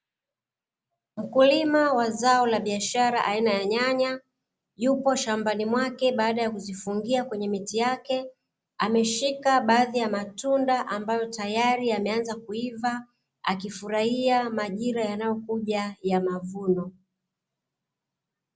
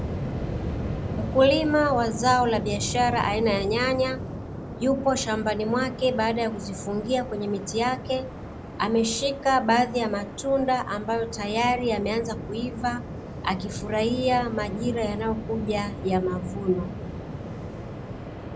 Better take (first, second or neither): first